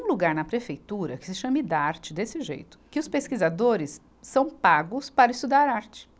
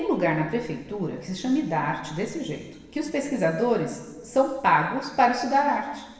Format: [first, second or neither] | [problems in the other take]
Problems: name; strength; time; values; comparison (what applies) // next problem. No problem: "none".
first | room echo; dies away in 1.2 s